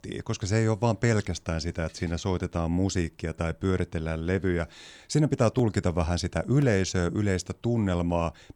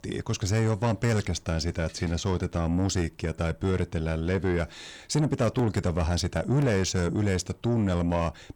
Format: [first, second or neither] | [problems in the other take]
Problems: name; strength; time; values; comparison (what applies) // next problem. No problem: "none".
first | distortion; slight; 10 dB below the speech